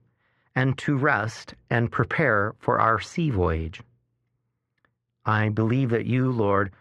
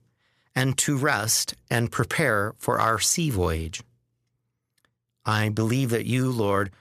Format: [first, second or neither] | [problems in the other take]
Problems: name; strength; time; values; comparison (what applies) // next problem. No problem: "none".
second | muffled; very; fading above 2 kHz